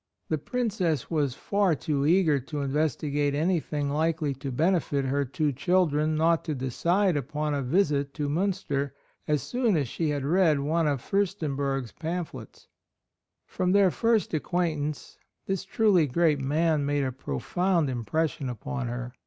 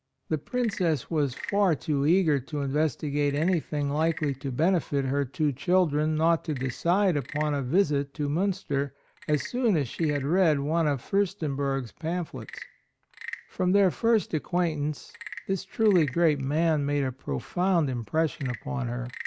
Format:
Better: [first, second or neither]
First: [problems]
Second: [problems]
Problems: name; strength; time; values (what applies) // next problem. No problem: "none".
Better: first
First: none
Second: background sound (Wood / Percussion / Frog); 20 dB below the speech